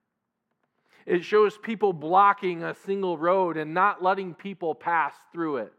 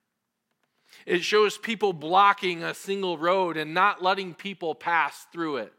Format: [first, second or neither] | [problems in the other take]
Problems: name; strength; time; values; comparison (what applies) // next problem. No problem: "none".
second | muffled; slightly; fading above 2.5 kHz